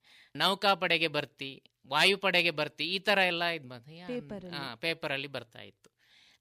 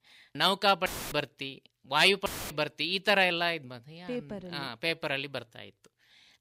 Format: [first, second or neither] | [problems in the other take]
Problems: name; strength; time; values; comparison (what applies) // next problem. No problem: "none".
first | audio cutting out; filled with static; at 1 s and at 2.5 s